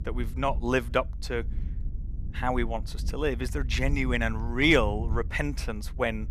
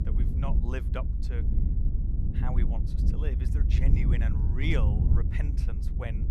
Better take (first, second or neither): first